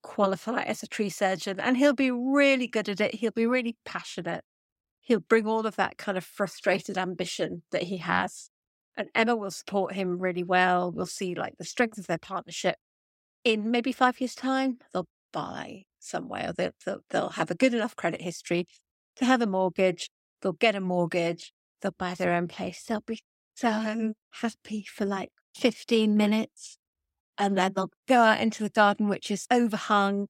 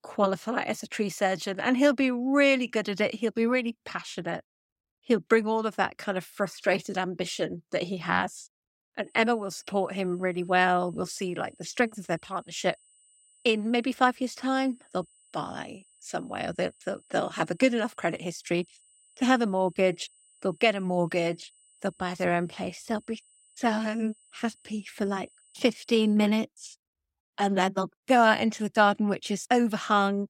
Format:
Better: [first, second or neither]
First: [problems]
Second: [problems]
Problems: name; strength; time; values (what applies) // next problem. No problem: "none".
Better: first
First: none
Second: high-pitched whine; faint; from 9 to 26 s; 8.5 kHz, 30 dB below the speech